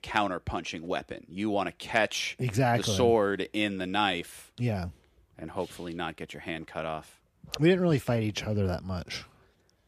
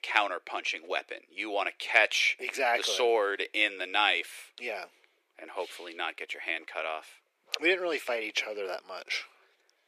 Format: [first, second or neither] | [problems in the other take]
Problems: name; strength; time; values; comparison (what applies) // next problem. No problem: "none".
first | thin; very; fading below 400 Hz